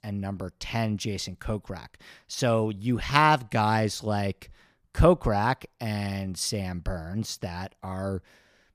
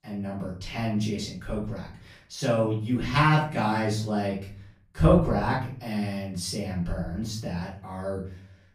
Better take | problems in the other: first | off-mic speech; far // room echo; noticeable; dies away in 0.5 s

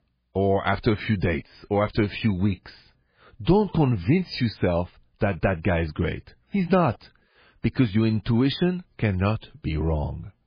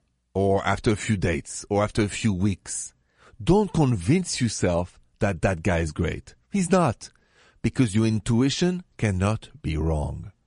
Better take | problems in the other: second | garbled, watery; badly; nothing above 5 kHz; slightly in the second

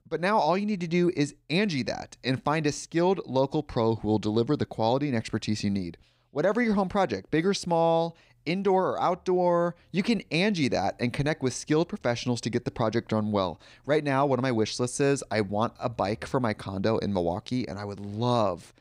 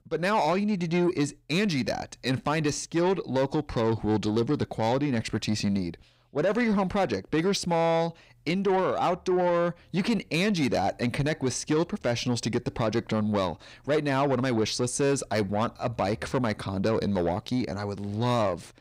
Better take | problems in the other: first | distortion; slight; 10 dB below the speech

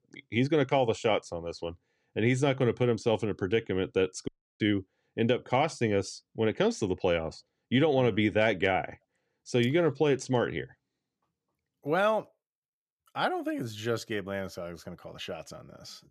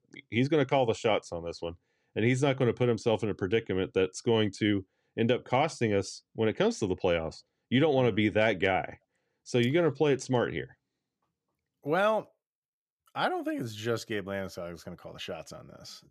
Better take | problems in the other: second | audio cutting out; at 4.5 s

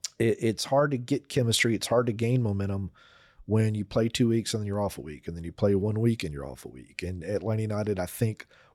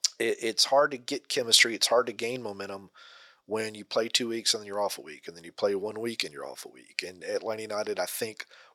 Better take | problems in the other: first | thin; very; fading below 550 Hz

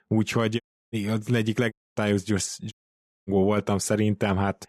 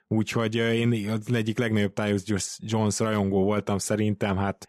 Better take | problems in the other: second | audio cutting out; at 0.5 s, at 1.5 s and at 2.5 s for 0.5 s

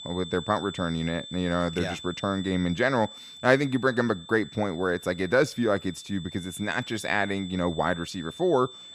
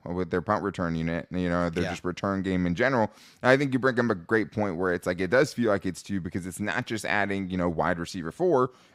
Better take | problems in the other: second | high-pitched whine; noticeable; throughout; 3.5 kHz, 15 dB below the speech

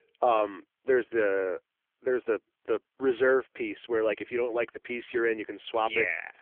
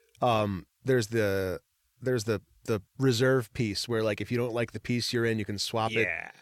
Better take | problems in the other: second | phone-call audio; poor line; nothing above 3.5 kHz

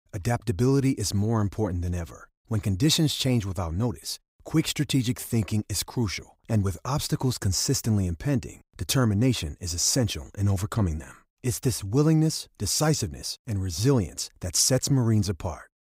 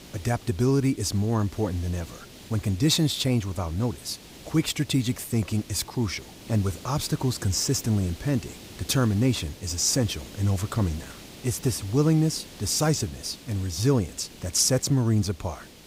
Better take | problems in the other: first | hiss; noticeable; throughout; 20 dB below the speech

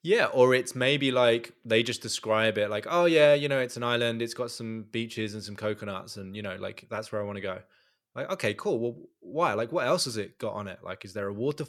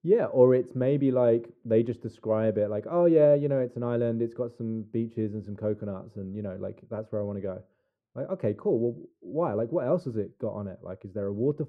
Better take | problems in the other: first | muffled; very; fading above 1.5 kHz

